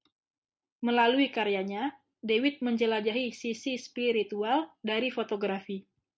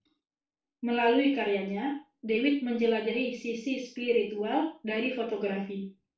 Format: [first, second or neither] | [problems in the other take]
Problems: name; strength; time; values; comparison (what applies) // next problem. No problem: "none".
first | room echo; dies away in 0.3 s